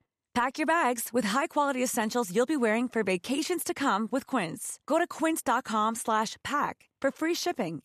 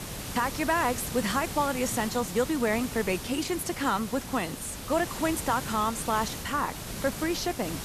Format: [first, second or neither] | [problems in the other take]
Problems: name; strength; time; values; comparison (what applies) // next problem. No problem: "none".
first | hiss; loud; throughout; 7 dB below the speech